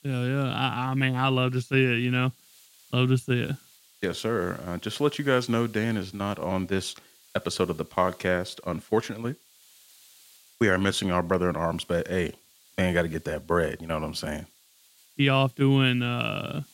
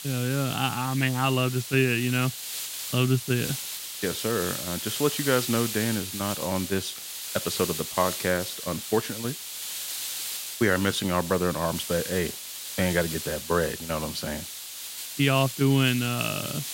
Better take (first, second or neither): first